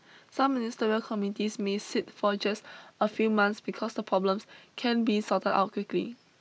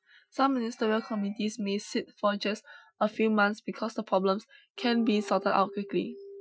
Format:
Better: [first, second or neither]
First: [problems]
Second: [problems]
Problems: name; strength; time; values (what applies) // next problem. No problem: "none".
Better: first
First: none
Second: noise reduction (classical method Wiener filter)